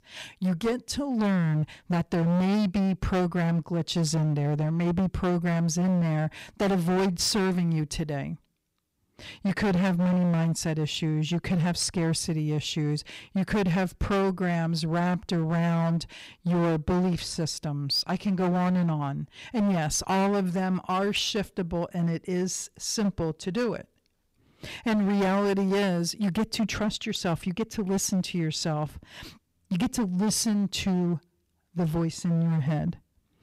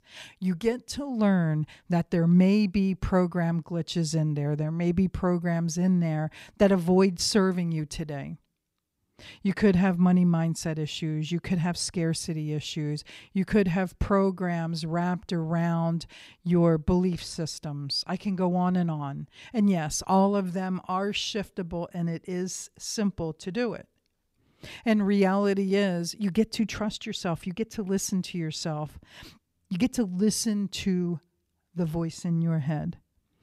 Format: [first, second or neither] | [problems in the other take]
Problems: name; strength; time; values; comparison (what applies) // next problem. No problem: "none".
second | distortion; heavy; 19% of the sound clipped